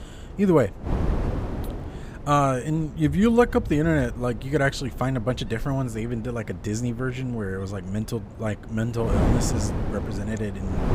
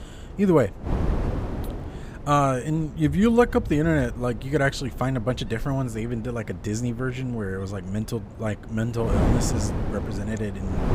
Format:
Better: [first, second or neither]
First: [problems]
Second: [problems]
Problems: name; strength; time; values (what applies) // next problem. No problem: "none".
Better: neither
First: wind noise on the microphone; occasional gusts; 10 dB below the speech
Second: wind noise on the microphone; occasional gusts; 10 dB below the speech